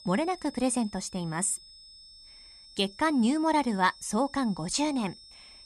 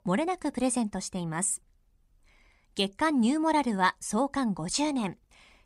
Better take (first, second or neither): second